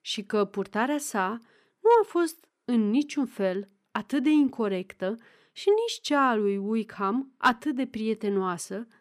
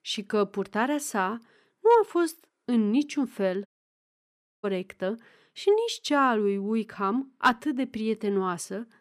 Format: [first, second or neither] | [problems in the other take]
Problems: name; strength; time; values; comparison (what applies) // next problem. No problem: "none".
first | audio cutting out; at 3.5 s for 1 s